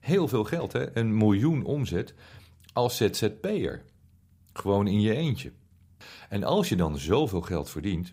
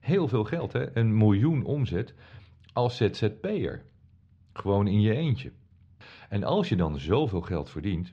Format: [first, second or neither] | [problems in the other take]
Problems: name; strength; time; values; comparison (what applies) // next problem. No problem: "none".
first | muffled; very slightly; fading above 4 kHz